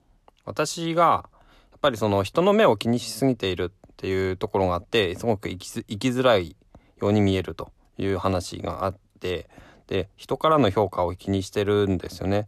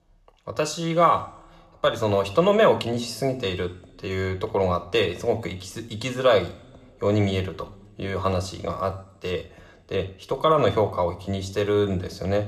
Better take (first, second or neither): first